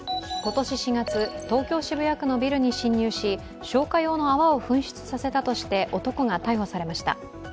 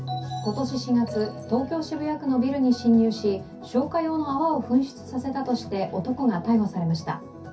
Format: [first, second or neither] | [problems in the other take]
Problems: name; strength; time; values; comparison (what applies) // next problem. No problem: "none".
first | background sound (Keyboard (musical)); 18 dB below the speech // room echo; dies away in 0.3 s